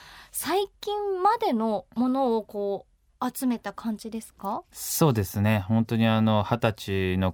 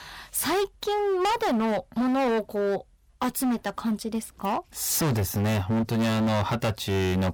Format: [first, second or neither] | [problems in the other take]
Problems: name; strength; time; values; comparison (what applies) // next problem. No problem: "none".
first | distortion; heavy; 26% of the sound clipped